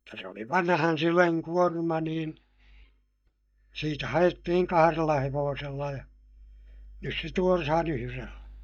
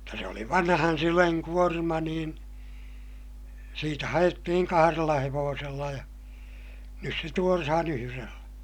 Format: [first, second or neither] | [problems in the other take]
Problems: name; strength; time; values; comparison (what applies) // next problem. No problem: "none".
second | noise reduction (neural mask model DeepFilterNet 3)